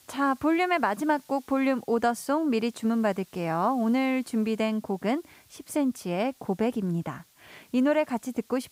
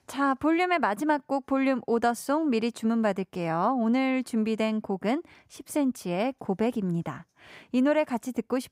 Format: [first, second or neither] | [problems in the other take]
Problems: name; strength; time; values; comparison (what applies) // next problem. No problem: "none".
second | hiss; faint; throughout; 30 dB below the speech